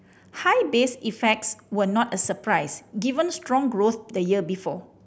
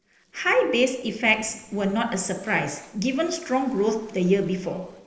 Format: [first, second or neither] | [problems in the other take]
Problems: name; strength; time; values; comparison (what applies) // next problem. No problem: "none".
first | noise reduction (neural separator model SepFormer DNS4)